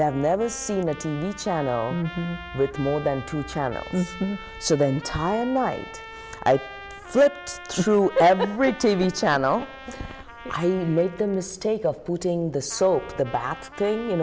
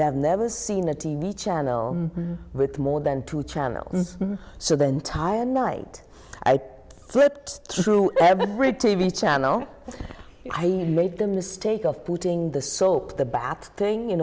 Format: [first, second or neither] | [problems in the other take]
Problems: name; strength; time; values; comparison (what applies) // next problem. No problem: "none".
second | background sound (Trumpet); 16 dB below the speech